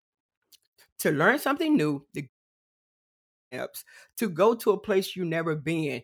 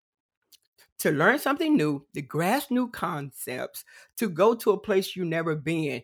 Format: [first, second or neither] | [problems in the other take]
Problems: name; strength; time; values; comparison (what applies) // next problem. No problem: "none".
second | audio cutting out; at 2.5 s for 1 s